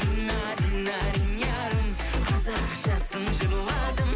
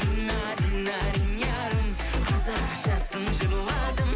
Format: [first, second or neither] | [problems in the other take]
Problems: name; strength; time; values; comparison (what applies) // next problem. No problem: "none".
first | background sound (Cheering); 19 dB below the speech